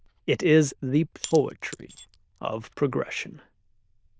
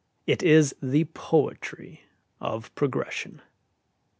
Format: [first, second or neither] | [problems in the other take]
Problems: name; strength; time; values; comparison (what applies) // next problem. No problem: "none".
second | noise reduction (neural diffusion model UNIVERSE++)